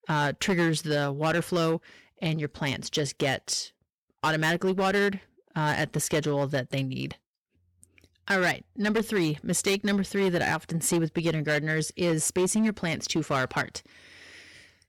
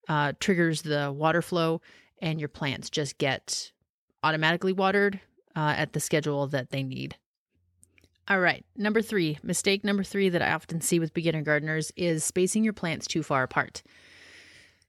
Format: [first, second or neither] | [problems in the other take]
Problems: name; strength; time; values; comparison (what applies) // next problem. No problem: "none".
second | distortion; slight; 8% of the sound clipped